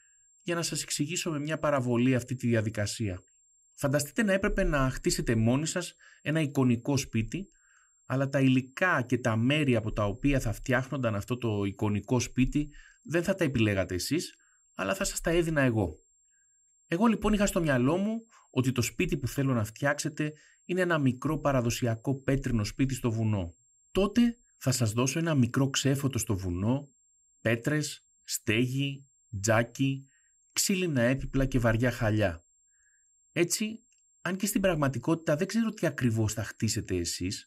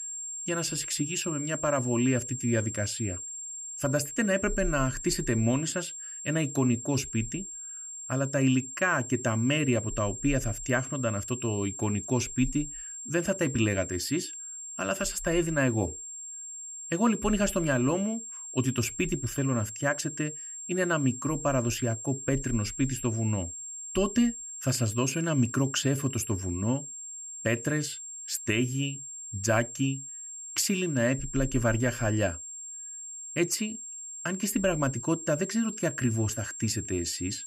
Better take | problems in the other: first | high-pitched whine; loud; throughout; 7.5 kHz, 8 dB below the speech; faint in the first

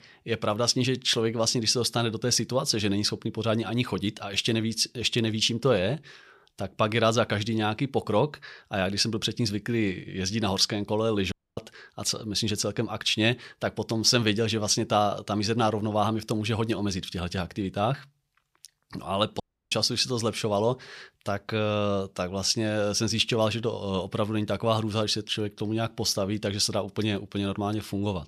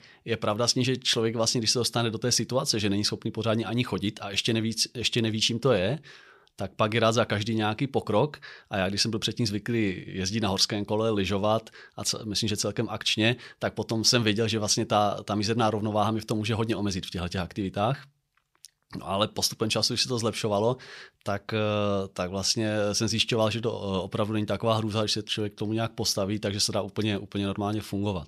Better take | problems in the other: second | audio cutting out; at 11 s and at 19 s

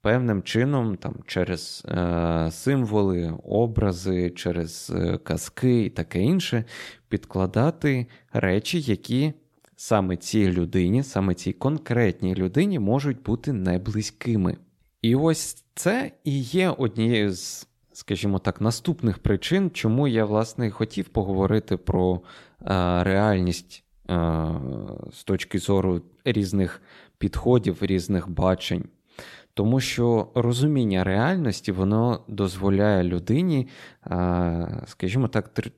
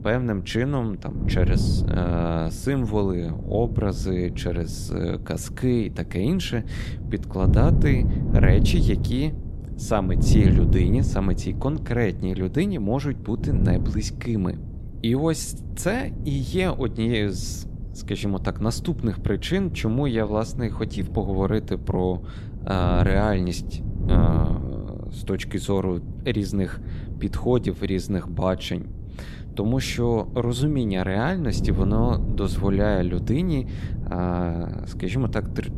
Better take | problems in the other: first | wind noise on the microphone; occasional gusts; 10 dB below the speech

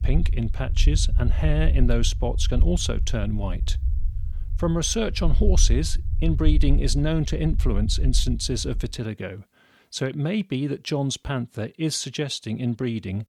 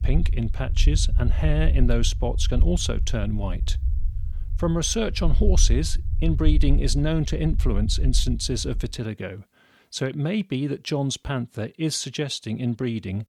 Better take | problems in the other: neither | low rumble; noticeable; until 9 s; 15 dB below the speech; the same in both

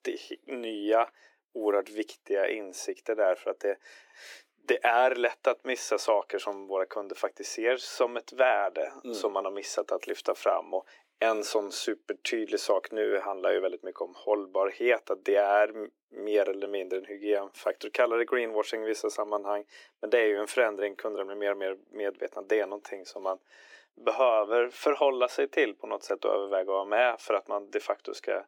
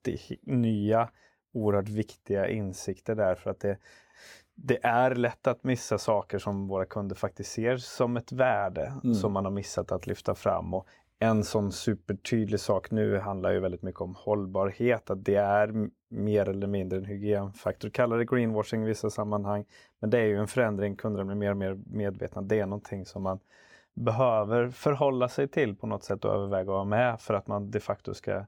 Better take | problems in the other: second | thin; very; fading below 300 Hz

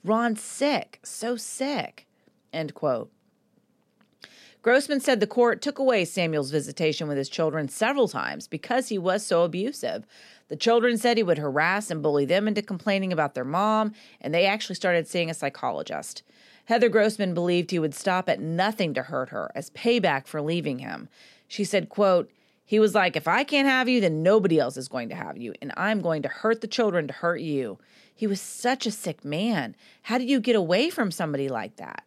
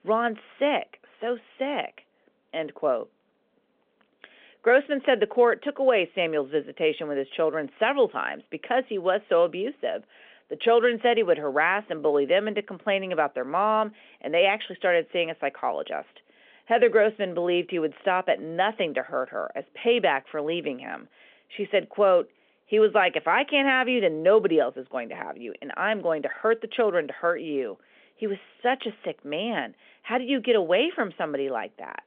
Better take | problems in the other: first | phone-call audio; nothing above 3 kHz

